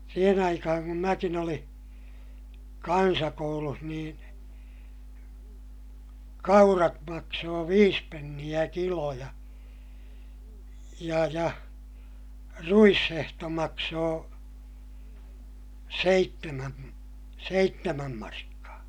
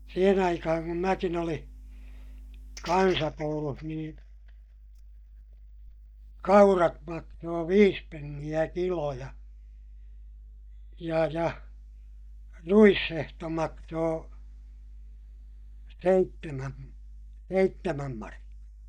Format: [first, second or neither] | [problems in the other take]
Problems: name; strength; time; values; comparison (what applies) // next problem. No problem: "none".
first | noise reduction (neural mask model DeepFilterNet 3)